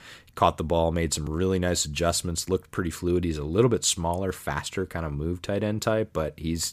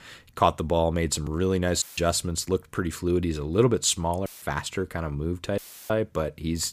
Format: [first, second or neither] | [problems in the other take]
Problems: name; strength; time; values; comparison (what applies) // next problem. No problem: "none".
first | audio cutting out; filled with static; at 2 s, at 4.5 s and at 5.5 s